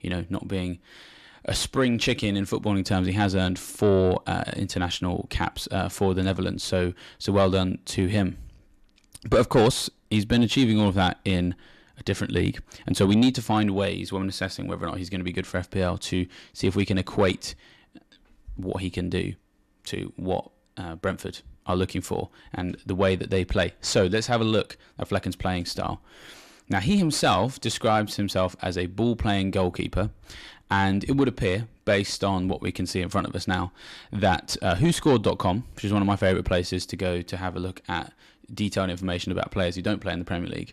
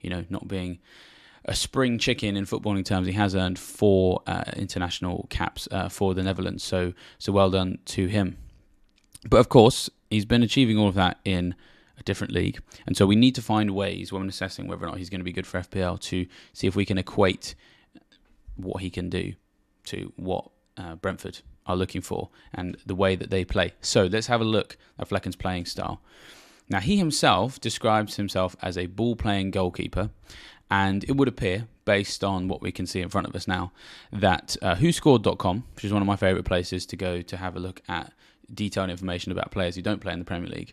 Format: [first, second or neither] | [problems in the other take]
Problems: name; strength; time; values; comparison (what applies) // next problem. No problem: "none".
second | distortion; slight; 10 dB below the speech